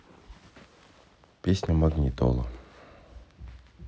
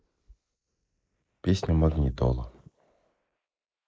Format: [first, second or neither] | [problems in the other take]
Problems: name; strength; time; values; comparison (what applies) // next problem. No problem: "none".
first | noise reduction (neural mask model Resemble Enhance denoiser)